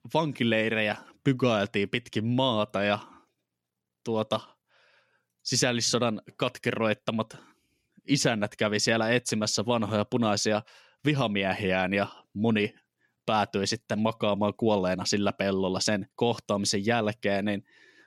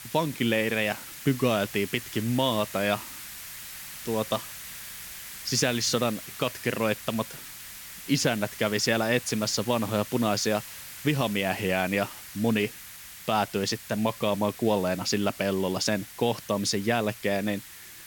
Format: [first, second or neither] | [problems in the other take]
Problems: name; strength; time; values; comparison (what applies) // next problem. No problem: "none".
first | hiss; noticeable; throughout; 10 dB below the speech